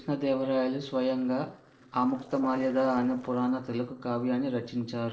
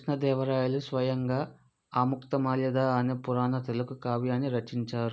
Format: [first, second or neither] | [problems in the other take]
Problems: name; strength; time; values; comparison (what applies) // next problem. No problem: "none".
second | noise reduction (neural separator model SepFormer DNS4)